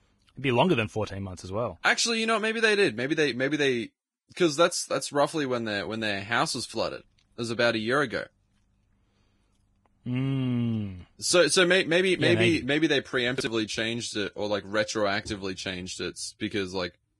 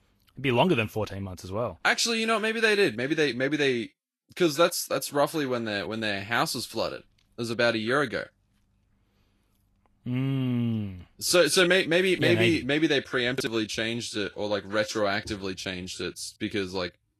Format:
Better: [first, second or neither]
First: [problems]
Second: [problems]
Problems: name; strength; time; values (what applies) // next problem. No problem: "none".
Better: second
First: garbled, watery; badly; nothing above 11 kHz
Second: garbled, watery; slightly; nothing above 12.5 kHz